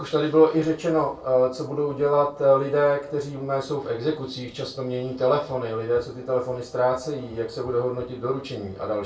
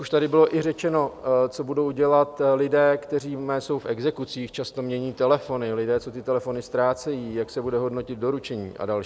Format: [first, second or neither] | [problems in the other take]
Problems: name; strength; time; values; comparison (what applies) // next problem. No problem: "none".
second | room echo; dies away in 0.2 s